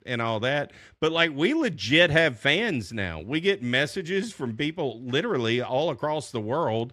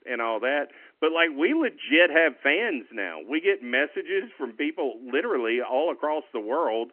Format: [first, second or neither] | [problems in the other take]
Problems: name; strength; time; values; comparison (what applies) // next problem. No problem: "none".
first | phone-call audio; nothing above 3 kHz